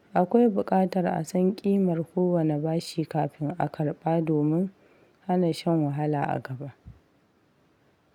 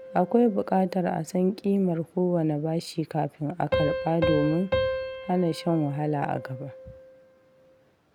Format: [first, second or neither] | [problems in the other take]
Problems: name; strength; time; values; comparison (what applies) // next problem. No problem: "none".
first | background sound (Piano); 7 dB below the speech